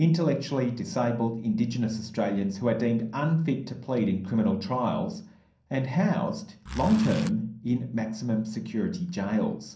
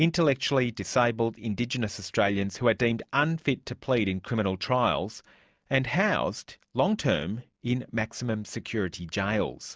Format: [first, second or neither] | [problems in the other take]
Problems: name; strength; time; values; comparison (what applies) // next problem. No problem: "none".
second | background sound (Zipper (clothing)); 9 dB below the speech // room echo; dies away in 0.6 s